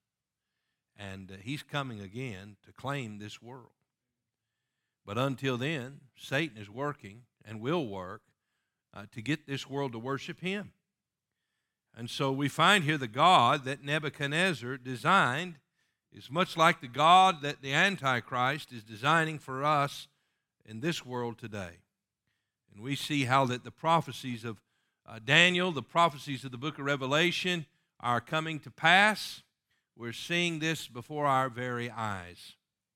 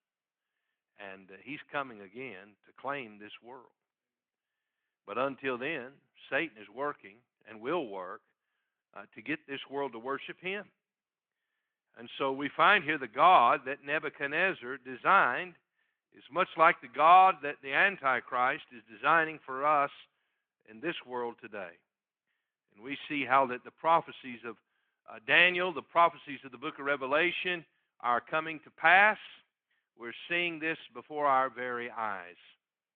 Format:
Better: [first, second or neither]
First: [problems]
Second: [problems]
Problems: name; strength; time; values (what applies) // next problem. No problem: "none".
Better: first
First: none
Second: phone-call audio; nothing above 3.5 kHz